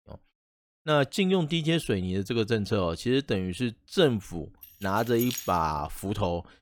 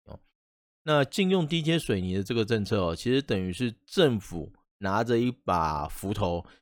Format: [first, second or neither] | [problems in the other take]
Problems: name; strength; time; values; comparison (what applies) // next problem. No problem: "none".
second | jangling keys; noticeable; at 4.5 s; peak 7 dB below the speech